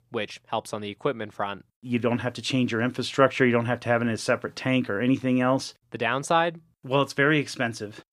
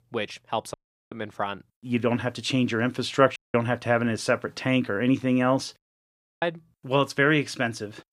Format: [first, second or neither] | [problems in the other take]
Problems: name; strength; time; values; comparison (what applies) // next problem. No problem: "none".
first | audio cutting out; at 0.5 s, at 3.5 s and at 6 s for 0.5 s